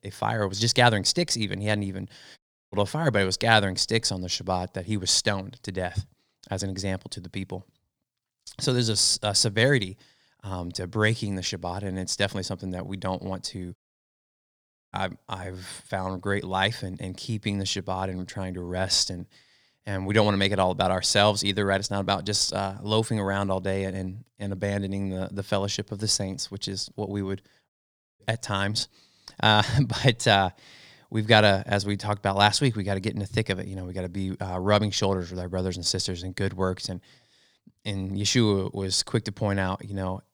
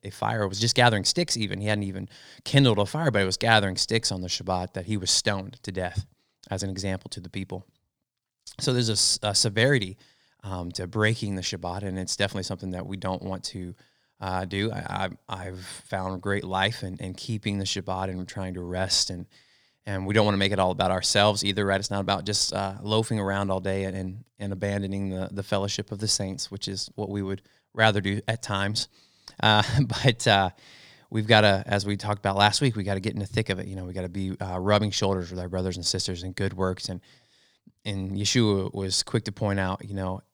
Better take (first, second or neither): second